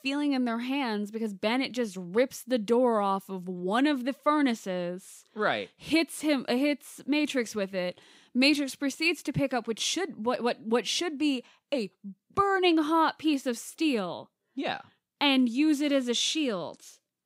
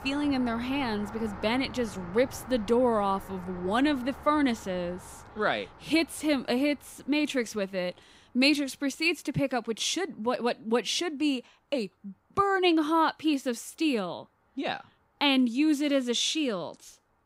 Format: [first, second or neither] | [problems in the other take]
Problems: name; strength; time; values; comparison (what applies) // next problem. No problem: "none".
first | rain or running water; noticeable; throughout; 15 dB below the speech